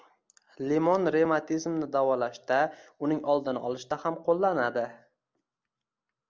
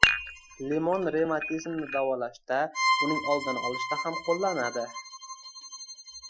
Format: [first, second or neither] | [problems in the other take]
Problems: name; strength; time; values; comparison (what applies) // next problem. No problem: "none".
first | noise reduction (classical method Wiener filter)